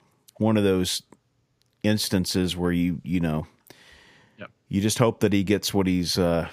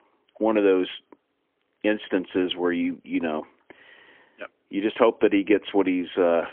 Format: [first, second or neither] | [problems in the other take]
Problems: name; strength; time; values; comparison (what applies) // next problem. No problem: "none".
first | phone-call audio; poor line; nothing above 3.5 kHz